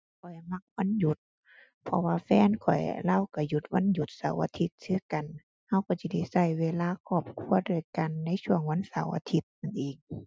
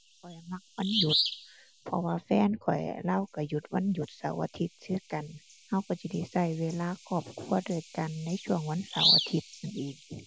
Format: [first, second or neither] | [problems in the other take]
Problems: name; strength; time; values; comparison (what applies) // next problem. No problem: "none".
first | background sound (Bird vocalization, bird call, bird song); 4 dB below the speech